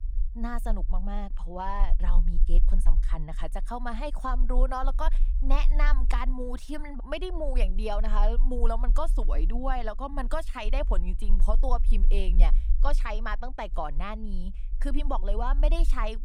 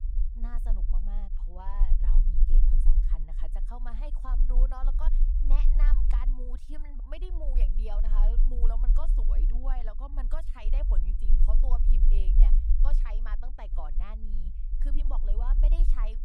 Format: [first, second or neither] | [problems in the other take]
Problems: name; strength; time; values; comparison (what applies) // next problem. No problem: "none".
first | low rumble; loud; throughout; 8 dB below the speech; faint in the first